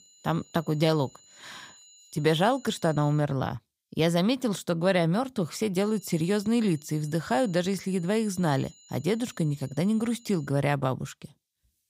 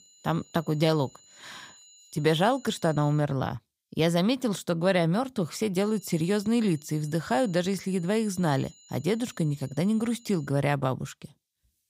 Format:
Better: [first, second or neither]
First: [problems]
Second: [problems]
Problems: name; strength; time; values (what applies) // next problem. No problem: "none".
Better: neither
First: high-pitched whine; faint; until 3 s and from 6 to 10 s; 7 kHz, 25 dB below the speech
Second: high-pitched whine; faint; until 3 s and from 6 to 10 s; 7 kHz, 25 dB below the speech